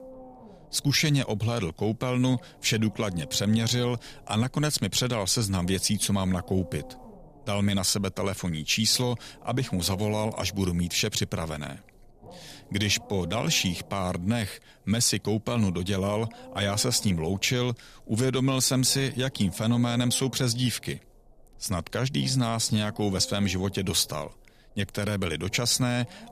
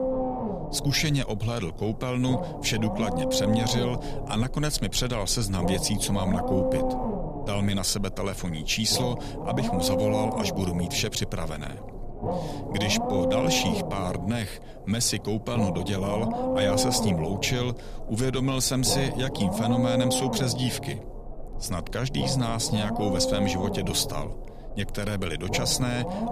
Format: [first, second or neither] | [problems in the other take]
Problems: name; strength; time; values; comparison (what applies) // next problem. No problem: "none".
first | low rumble; loud; throughout; 2 dB below the speech; faint in the first